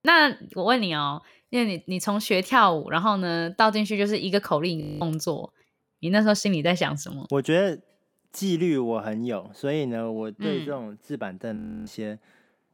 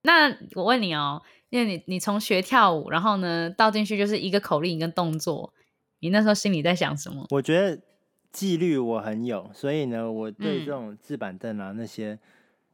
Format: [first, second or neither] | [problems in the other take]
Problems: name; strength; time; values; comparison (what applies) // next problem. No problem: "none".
second | audio freezing; at 5 s and at 12 s